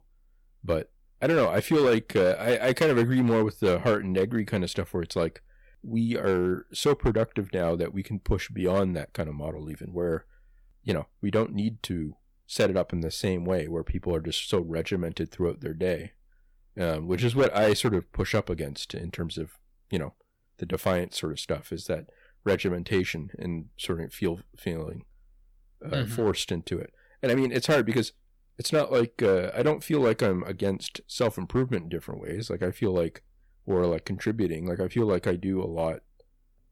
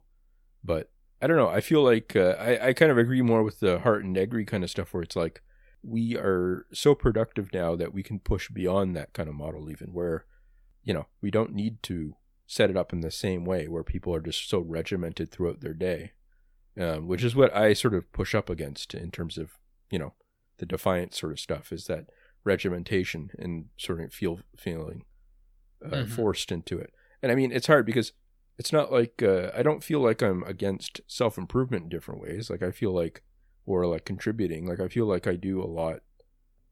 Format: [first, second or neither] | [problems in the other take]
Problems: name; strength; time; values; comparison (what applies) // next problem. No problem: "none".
second | distortion; slight; 3% of the sound clipped